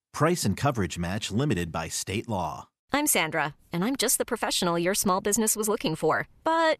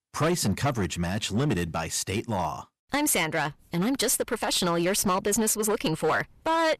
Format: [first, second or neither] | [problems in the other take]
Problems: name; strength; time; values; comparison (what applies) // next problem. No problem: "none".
first | distortion; slight; 10% of the sound clipped